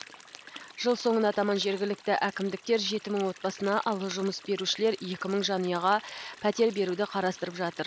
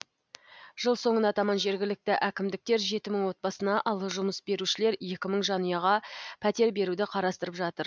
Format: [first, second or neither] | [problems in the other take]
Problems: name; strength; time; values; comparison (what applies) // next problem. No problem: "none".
second | background sound (Stream); 20 dB below the speech